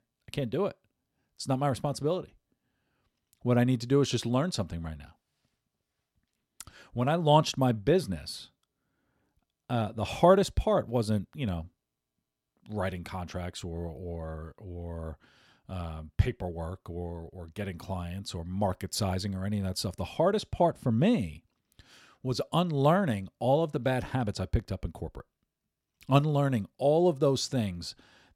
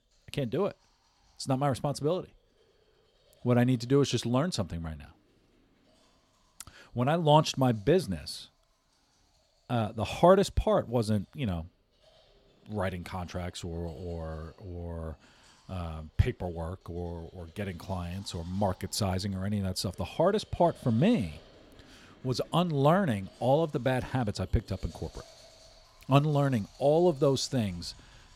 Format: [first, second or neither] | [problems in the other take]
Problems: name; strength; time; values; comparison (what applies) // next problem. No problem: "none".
first | household noises; faint; throughout; 30 dB below the speech